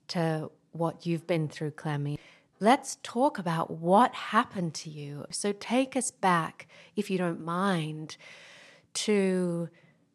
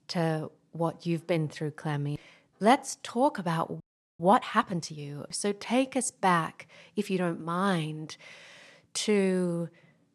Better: first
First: none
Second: audio freezing; at 4 s

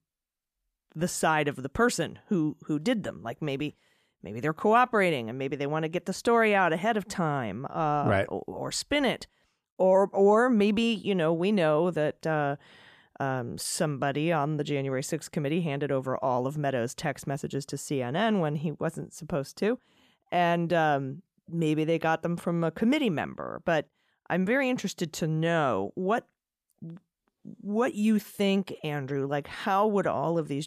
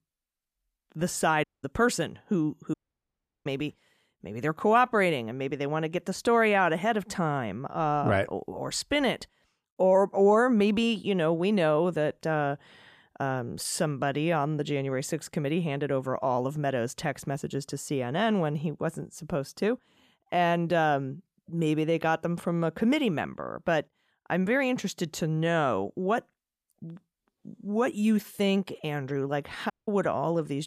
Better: first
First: none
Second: audio cutting out; at 1.5 s, at 2.5 s for 0.5 s and at 30 s

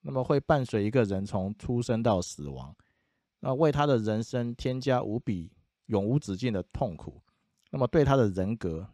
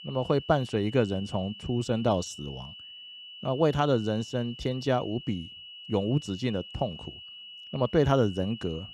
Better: first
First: none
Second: high-pitched whine; noticeable; throughout; 3 kHz, 15 dB below the speech

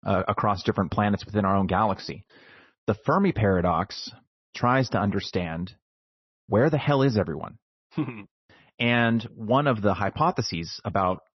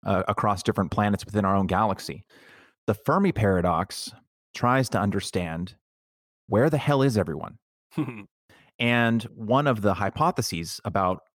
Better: second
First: garbled, watery; slightly; nothing above 6 kHz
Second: none

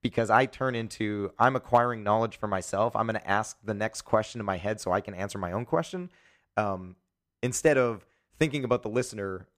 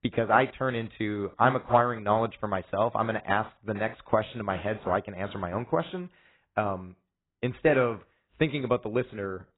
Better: first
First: none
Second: garbled, watery; badly; nothing above 4 kHz

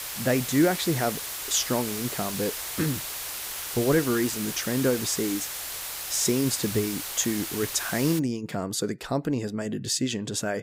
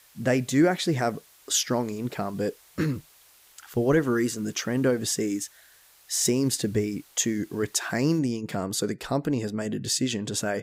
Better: second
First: hiss; loud; until 8 s; 5 dB below the speech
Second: hiss; faint; until 8 s; 25 dB below the speech

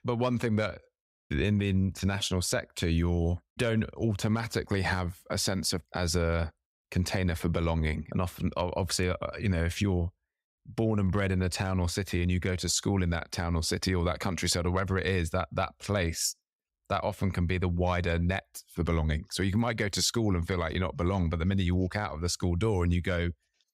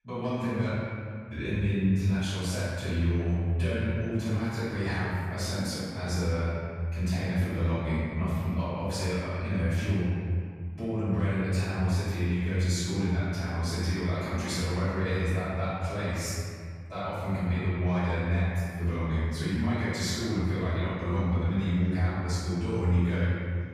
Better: first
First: none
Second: room echo; strong; dies away in 2.1 s // off-mic speech; far

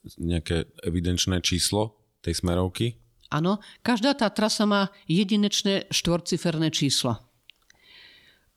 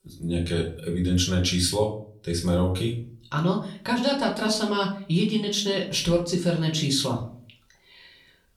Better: first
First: none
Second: off-mic speech; far // room echo; slight; dies away in 0.4 s

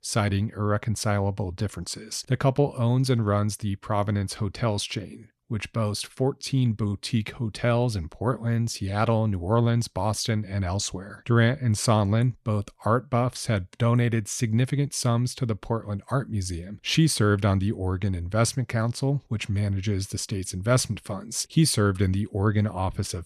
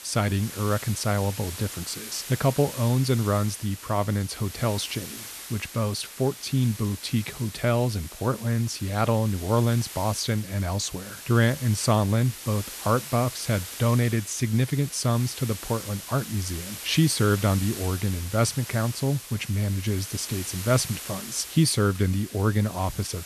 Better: first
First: none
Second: hiss; noticeable; throughout; 10 dB below the speech

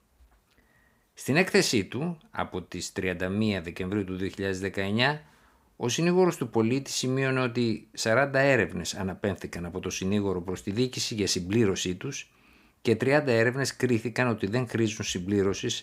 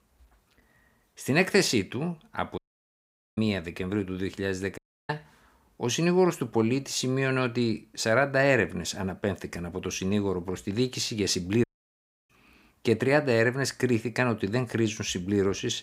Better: first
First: none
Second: audio cutting out; at 2.5 s for 1 s, at 5 s and at 12 s for 0.5 s

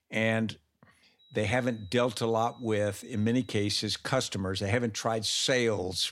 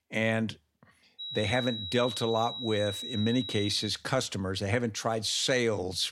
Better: first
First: high-pitched whine; faint; from 1 to 4 s; 4 kHz, 30 dB below the speech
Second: high-pitched whine; loud; from 1 to 4 s; 4 kHz, 6 dB below the speech

